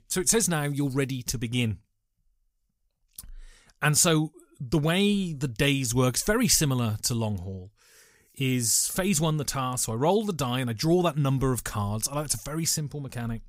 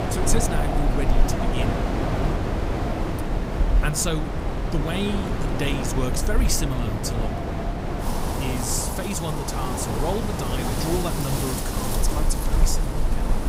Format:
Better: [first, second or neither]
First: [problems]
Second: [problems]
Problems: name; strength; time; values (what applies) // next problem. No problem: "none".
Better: first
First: none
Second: wind in the background; very loud; throughout; 2 dB above the speech